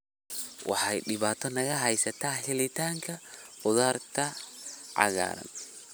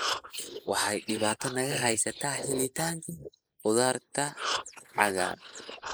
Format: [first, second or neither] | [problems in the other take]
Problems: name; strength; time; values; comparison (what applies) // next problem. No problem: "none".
first | noise reduction (neural mask model Resemble Enhance denoiser)